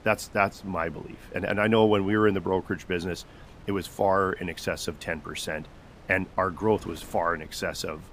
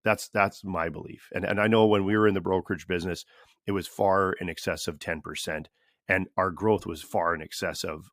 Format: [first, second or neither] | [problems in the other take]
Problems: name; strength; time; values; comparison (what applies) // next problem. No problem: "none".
second | wind noise on the microphone; occasional gusts; 25 dB below the speech